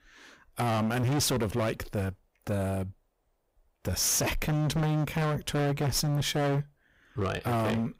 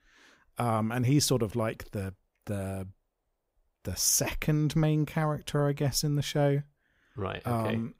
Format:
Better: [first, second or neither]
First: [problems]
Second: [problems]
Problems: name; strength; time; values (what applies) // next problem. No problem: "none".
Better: second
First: distortion; heavy; 22% of the sound clipped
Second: none